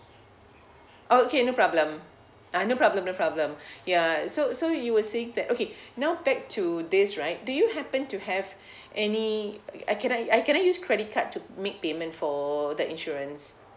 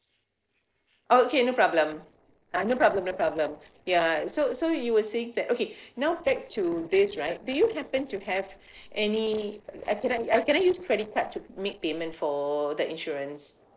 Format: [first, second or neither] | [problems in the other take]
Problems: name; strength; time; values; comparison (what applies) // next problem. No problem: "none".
first | noise reduction (neural separator model SepFormer DNS4)